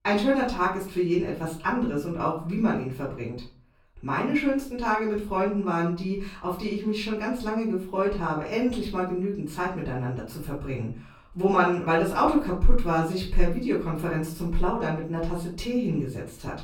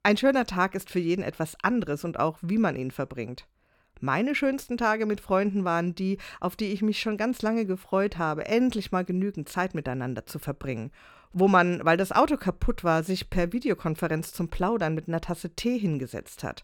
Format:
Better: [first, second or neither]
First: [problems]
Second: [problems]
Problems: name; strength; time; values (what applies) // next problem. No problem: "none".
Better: second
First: off-mic speech; far // room echo; slight; dies away in 0.4 s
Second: none